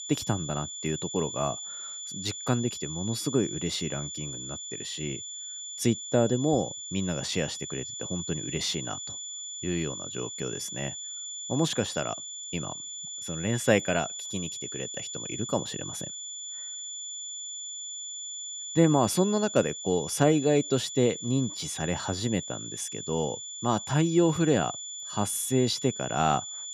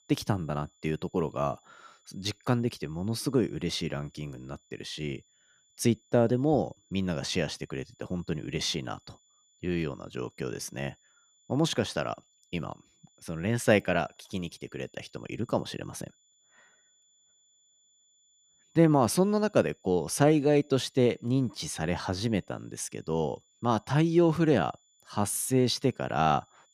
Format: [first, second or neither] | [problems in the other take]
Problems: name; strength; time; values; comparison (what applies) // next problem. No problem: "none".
second | high-pitched whine; loud; throughout; 7 kHz, 7 dB below the speech; faint in the second